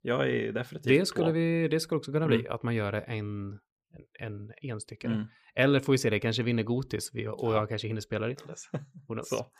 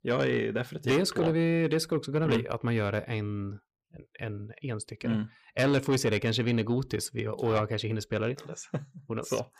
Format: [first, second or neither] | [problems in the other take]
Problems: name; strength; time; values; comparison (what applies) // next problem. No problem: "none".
first | distortion; slight; 10 dB below the speech